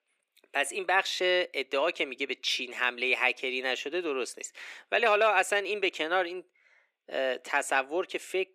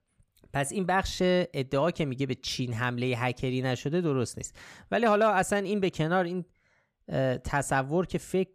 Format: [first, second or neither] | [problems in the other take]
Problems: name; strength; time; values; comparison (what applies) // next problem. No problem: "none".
second | thin; very; fading below 350 Hz